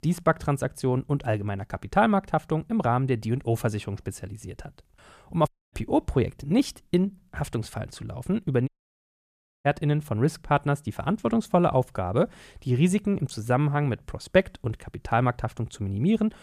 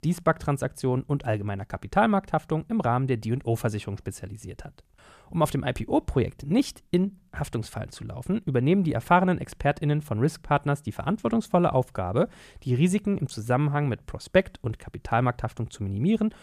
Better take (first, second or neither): second